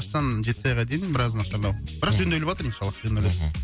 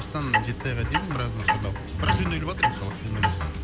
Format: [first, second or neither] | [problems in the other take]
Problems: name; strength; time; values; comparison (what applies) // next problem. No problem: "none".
first | background sound (Clock); 2 dB above the speech